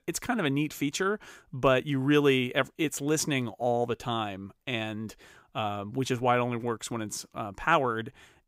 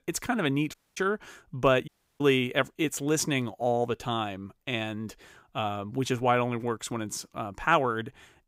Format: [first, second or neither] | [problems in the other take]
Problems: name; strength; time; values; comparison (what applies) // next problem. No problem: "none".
first | audio cutting out; at 0.5 s and at 2 s